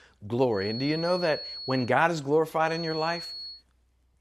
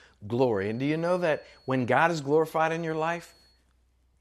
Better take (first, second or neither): second